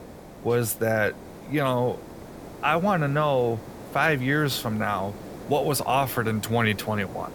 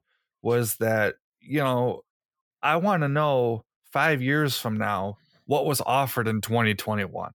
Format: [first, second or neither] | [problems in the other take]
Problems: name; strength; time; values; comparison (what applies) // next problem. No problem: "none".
second | hiss; noticeable; throughout; 15 dB below the speech